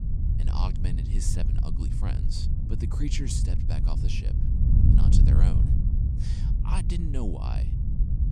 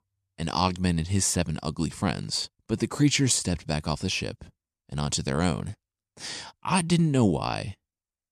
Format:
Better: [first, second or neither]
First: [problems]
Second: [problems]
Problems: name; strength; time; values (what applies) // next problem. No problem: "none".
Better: second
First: wind noise on the microphone; heavy; 1 dB below the speech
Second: none